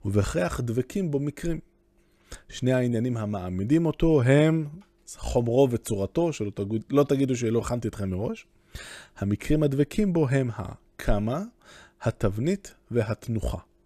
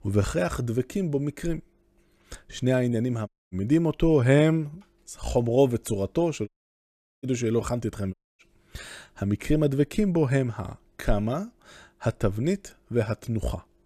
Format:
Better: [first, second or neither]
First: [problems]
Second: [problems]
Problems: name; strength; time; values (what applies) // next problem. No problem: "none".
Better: first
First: none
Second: audio cutting out; at 3.5 s, at 6.5 s for 0.5 s and at 8 s